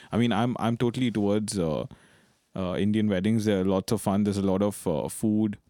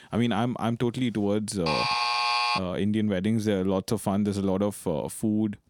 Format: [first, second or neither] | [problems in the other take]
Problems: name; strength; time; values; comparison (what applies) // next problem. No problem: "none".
first | alarm; loud; at 1.5 s; peak 4 dB above the speech